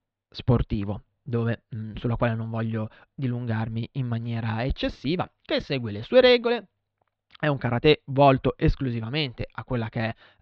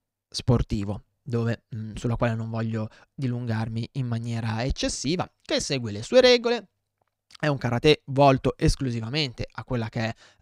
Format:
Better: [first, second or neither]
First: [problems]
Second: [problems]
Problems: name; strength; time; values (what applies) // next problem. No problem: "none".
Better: second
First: muffled; slightly; fading above 3.5 kHz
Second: none